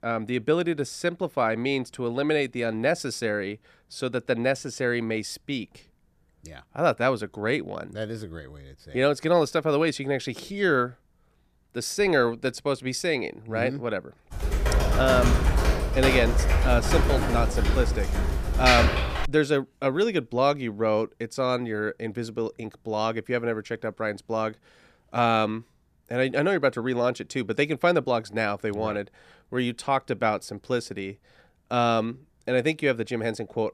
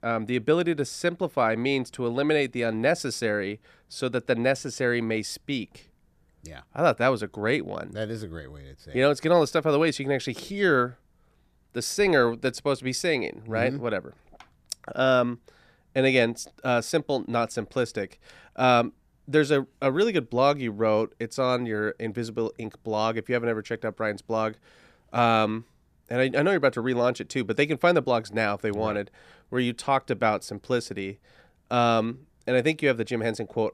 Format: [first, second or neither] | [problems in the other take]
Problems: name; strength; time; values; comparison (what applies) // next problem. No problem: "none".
second | keyboard typing; loud; from 14 to 19 s; peak 6 dB above the speech